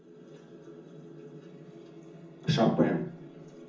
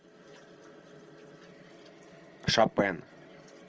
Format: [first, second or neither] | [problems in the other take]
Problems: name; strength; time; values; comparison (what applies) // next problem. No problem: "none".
second | room echo; dies away in 0.6 s